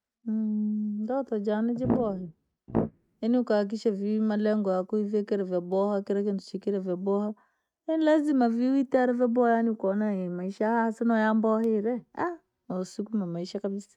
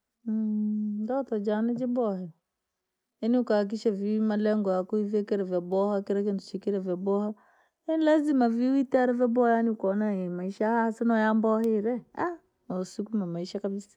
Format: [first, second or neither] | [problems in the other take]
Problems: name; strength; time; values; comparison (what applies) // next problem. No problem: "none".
second | noise reduction (neural mask model RNNoise)